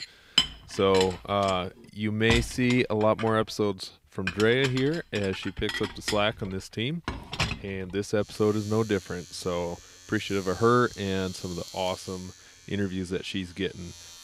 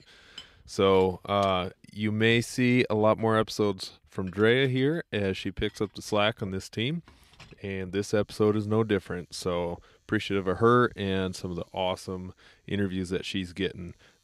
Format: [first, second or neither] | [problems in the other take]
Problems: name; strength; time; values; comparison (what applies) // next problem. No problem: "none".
second | household noises; loud; throughout; 7 dB below the speech; faint in the second